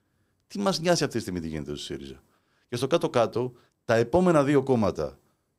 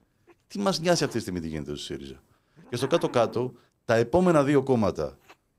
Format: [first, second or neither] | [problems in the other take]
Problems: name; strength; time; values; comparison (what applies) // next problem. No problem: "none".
first | hiss; faint; throughout; 20 dB below the speech